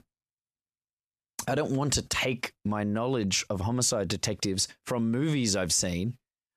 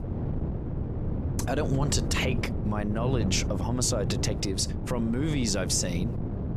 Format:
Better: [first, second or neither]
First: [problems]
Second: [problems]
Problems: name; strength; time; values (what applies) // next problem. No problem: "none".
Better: first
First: none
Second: wind noise on the microphone; heavy; 9 dB below the speech